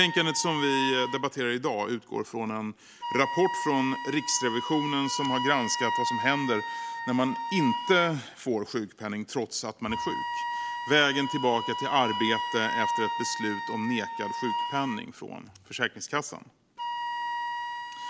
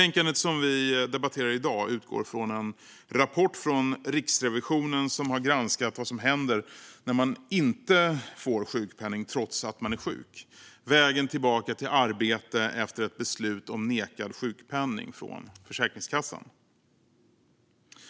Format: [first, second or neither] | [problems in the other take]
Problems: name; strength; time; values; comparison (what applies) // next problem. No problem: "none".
second | background sound (Wind instrument, woodwind instrument); 5 dB below the speech